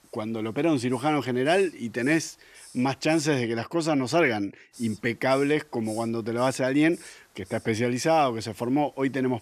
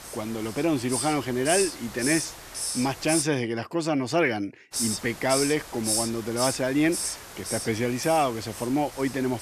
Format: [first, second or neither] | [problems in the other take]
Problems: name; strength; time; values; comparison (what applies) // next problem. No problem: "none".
first | hiss; loud; until 3 s and from 4.5 s on; 4 dB below the speech; faint in the first